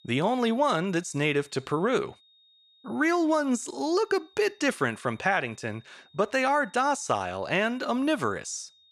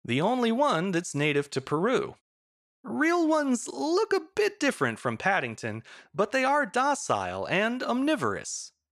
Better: second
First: high-pitched whine; faint; throughout; 3.5 kHz, 30 dB below the speech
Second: none

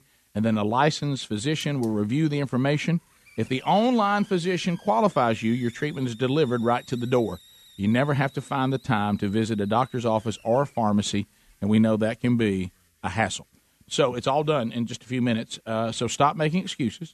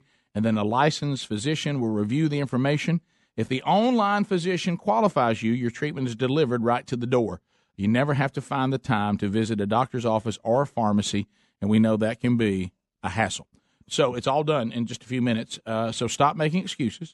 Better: second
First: hiss; faint; throughout; 25 dB below the speech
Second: none

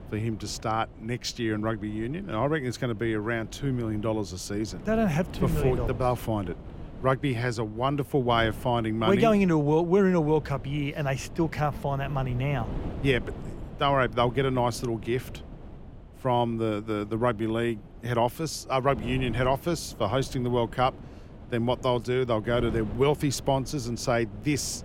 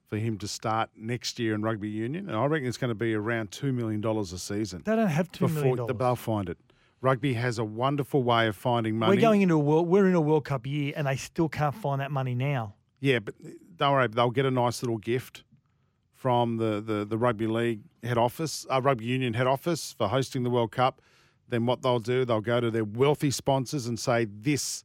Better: second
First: wind noise on the microphone; occasional gusts; 20 dB below the speech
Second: none

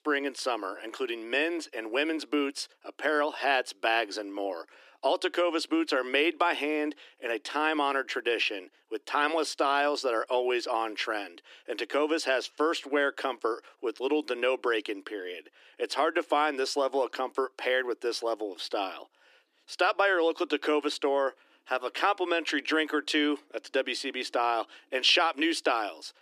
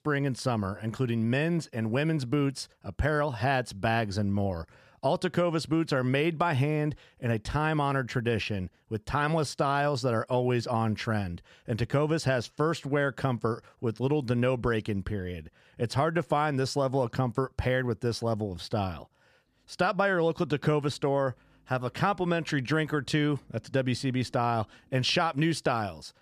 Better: second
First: thin; somewhat; fading below 300 Hz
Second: none

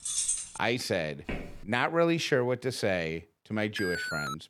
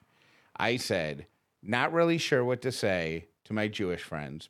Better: second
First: jangling keys; loud; at the start; peak 2 dB above the speech // footsteps; noticeable; at 1.5 s; peak 9 dB below the speech // alarm; noticeable; at 4 s; peak 3 dB below the speech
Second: none

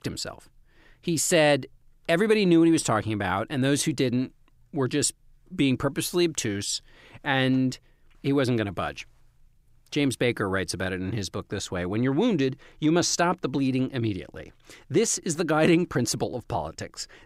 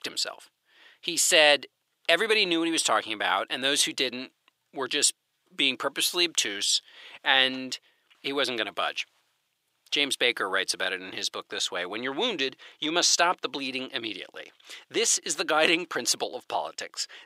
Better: first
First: none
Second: thin; somewhat; fading below 600 Hz

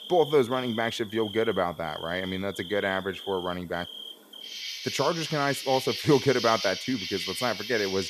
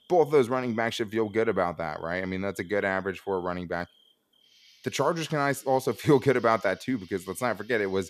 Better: second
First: animal sounds; loud; throughout; 7 dB below the speech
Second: animal sounds; faint; throughout; 30 dB below the speech

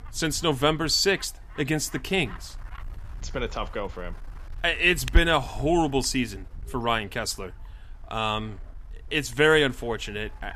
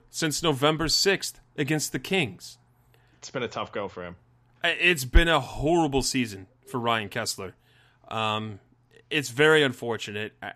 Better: second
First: wind noise on the microphone; occasional gusts; 25 dB below the speech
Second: none

